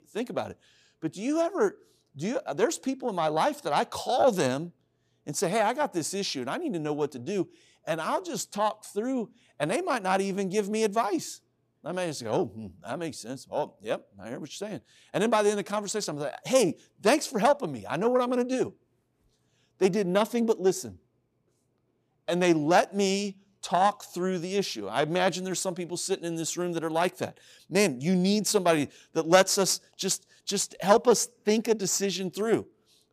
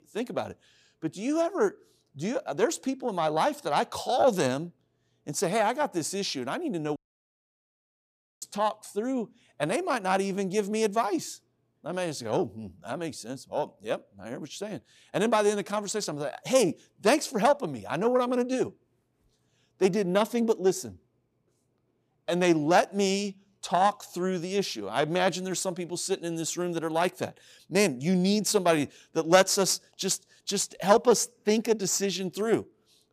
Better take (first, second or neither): first